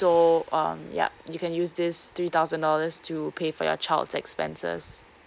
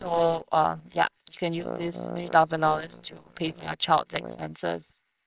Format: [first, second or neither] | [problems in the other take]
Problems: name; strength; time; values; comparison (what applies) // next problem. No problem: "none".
first | noise reduction (neural separator model SepFormer WHAMR!)